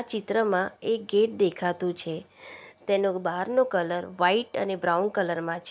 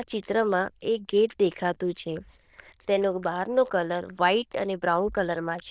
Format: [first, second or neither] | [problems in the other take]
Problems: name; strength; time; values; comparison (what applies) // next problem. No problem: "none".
first | noise reduction (neural diffusion model UNIVERSE++)